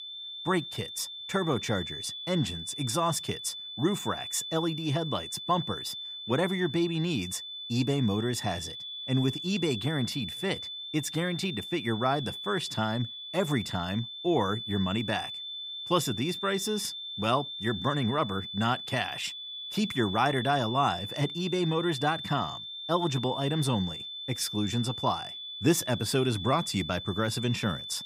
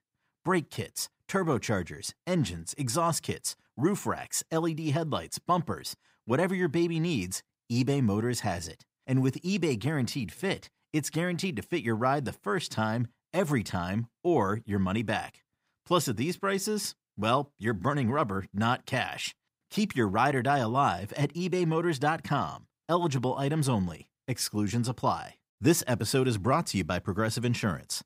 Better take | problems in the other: second | high-pitched whine; loud; throughout; 3.5 kHz, 7 dB below the speech

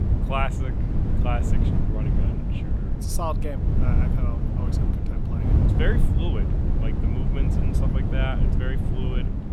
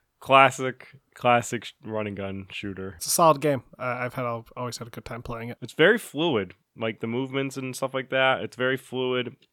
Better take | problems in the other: second | wind noise on the microphone; heavy; 2 dB below the speech

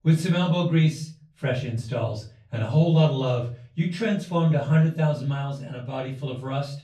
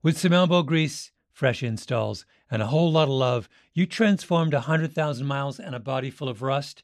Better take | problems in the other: second | off-mic speech; far // room echo; slight; dies away in 0.4 s

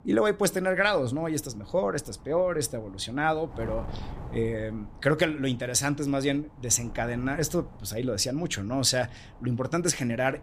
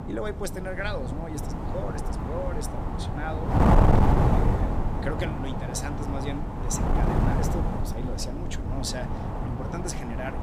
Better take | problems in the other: first | wind noise on the microphone; heavy; 4 dB above the speech; occasional gusts in the first

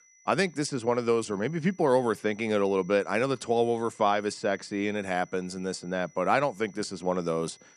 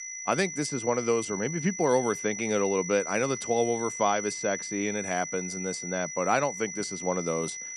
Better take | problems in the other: first | high-pitched whine; loud; throughout; 6 kHz, 6 dB below the speech; faint in the first

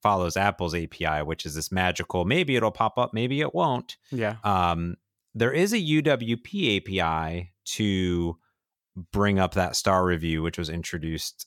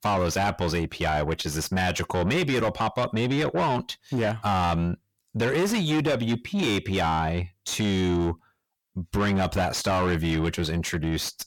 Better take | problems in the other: first | distortion; heavy; 6 dB below the speech

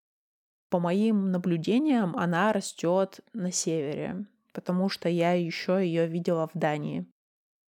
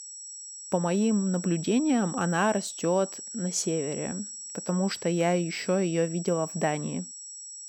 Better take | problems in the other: first | high-pitched whine; noticeable; throughout; 8 kHz, 10 dB below the speech

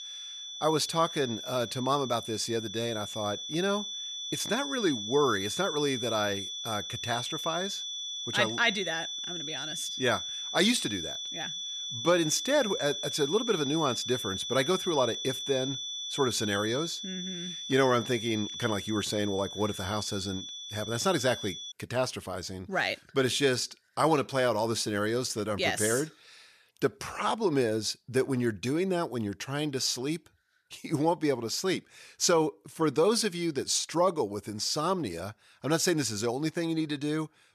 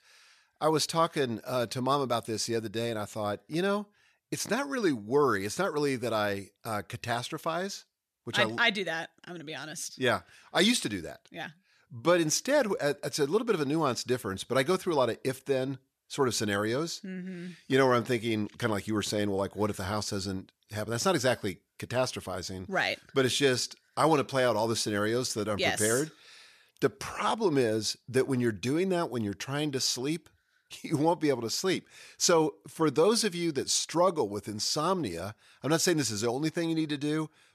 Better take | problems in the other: second | high-pitched whine; loud; until 22 s; 3.5 kHz, 6 dB below the speech

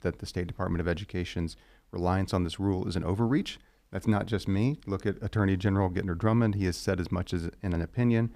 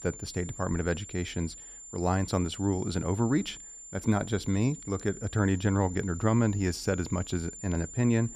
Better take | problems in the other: first | high-pitched whine; noticeable; throughout; 7 kHz, 15 dB below the speech

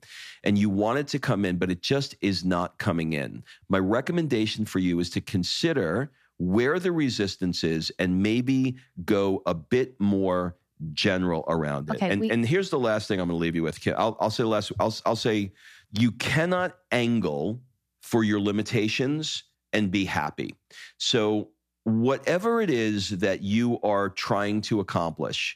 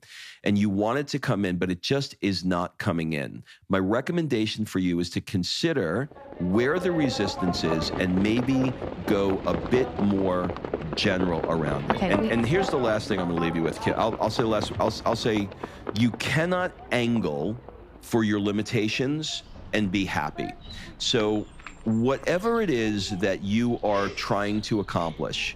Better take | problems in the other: first | animal sounds; loud; from 6.5 s on; 8 dB below the speech

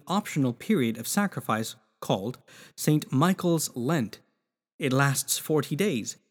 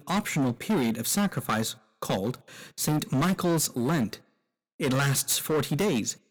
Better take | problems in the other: first | distortion; heavy; 15% of the sound clipped

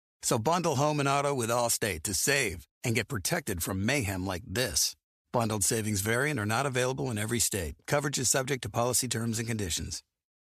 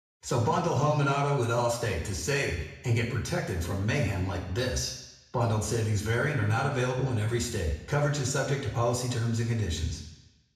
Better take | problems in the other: first | room echo; noticeable; dies away in 1.1 s // off-mic speech; far

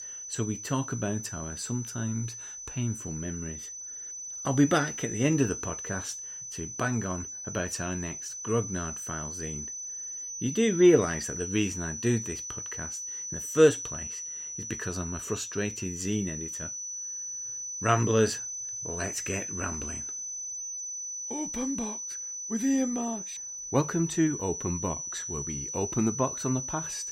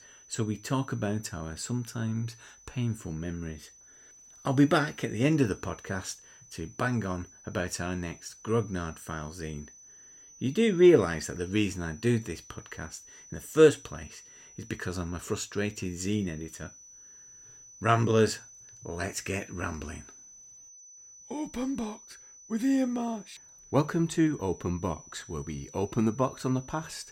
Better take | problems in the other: second | high-pitched whine; loud; throughout; 6 kHz, 5 dB below the speech; faint in the second

